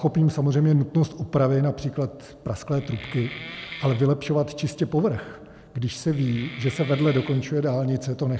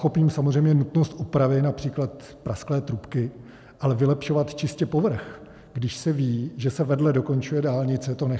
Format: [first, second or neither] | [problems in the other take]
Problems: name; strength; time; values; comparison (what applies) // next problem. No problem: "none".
second | background sound (Wood); 15 dB below the speech